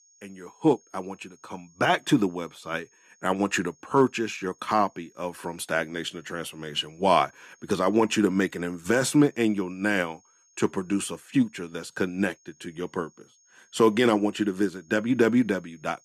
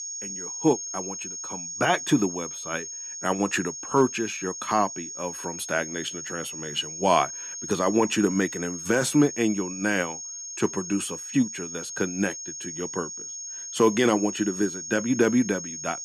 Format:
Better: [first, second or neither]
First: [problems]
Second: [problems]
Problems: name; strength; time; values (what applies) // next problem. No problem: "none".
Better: first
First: high-pitched whine; faint; throughout; 6.5 kHz, 35 dB below the speech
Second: high-pitched whine; loud; throughout; 6.5 kHz, 7 dB below the speech